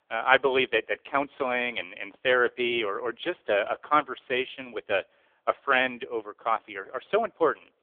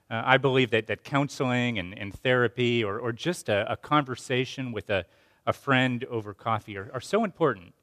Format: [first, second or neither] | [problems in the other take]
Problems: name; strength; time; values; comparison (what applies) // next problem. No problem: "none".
second | phone-call audio; poor line; nothing above 3.5 kHz